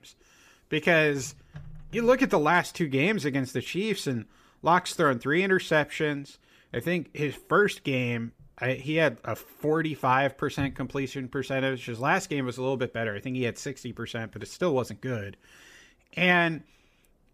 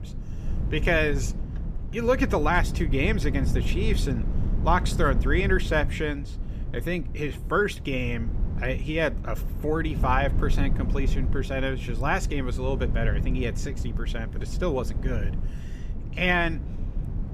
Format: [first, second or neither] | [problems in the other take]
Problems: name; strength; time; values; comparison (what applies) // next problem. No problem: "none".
first | wind noise on the microphone; occasional gusts; 15 dB below the speech